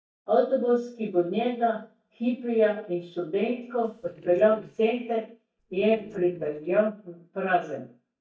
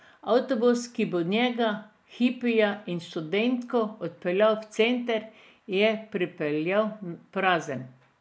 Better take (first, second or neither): second